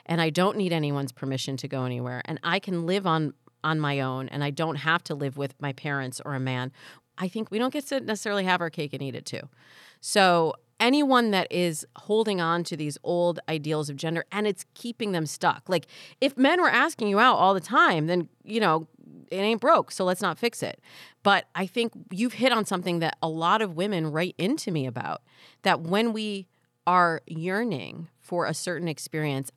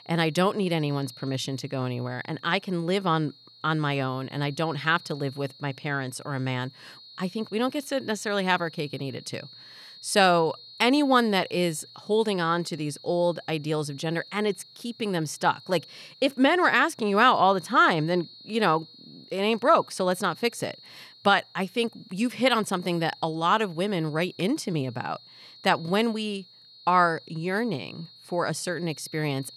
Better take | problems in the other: first | high-pitched whine; faint; throughout; 4 kHz, 20 dB below the speech

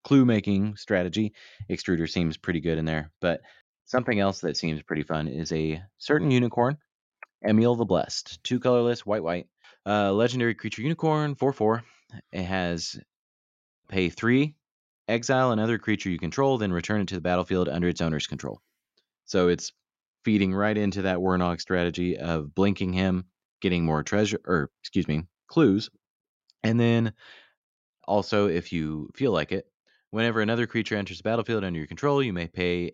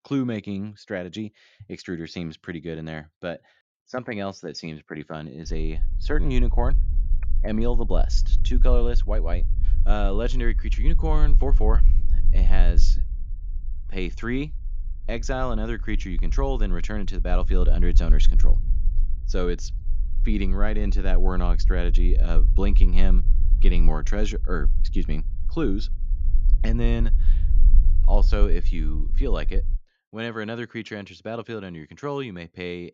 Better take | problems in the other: first | low rumble; noticeable; from 5.5 to 30 s; 15 dB below the speech

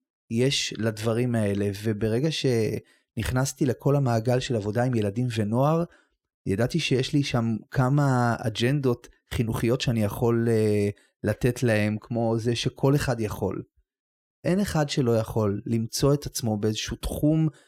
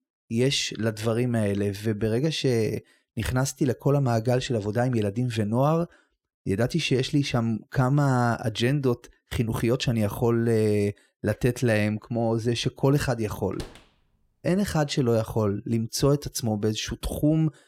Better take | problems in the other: first | door banging; faint; at 14 s; peak 20 dB below the speech

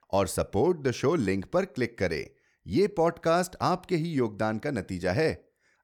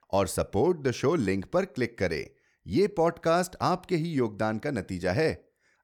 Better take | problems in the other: neither | none

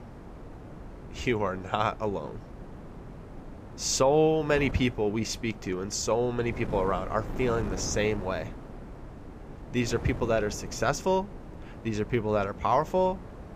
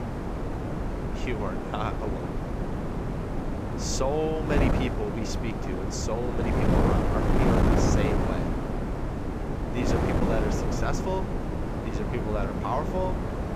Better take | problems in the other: first | wind noise on the microphone; heavy; 1 dB above the speech; occasional gusts in the first

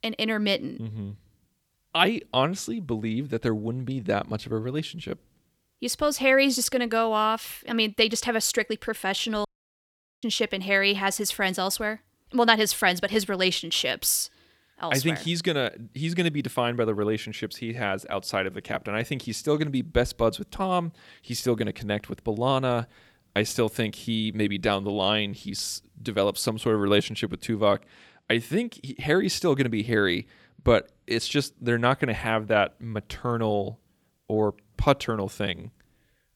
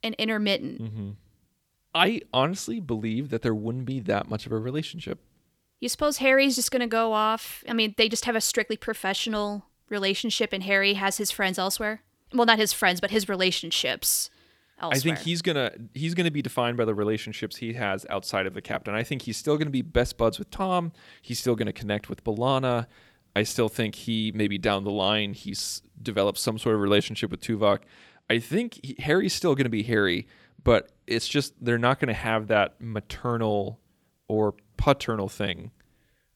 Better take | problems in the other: second | audio cutting out; at 9.5 s for 1 s

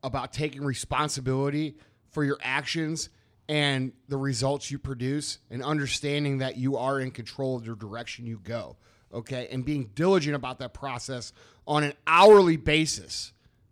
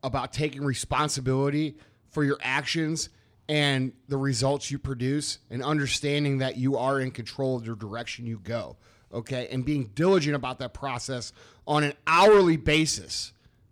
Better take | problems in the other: first | distortion; slight; 10 dB below the speech

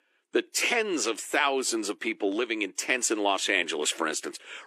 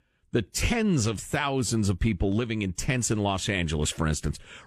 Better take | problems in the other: second | thin; very; fading below 300 Hz

